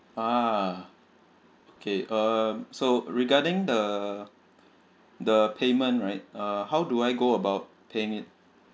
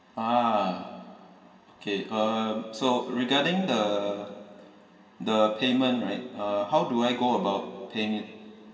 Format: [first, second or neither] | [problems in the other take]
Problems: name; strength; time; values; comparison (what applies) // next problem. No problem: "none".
first | room echo; dies away in 2.2 s